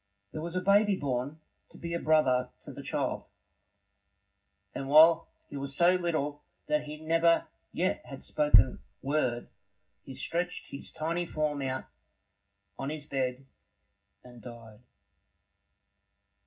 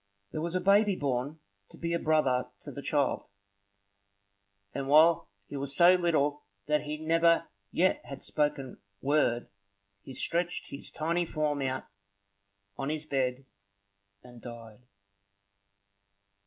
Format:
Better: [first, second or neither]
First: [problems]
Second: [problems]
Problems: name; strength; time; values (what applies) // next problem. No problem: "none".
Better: second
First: background sound (Bass drum); 4 dB above the speech // room echo; dies away in 0.4 s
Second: none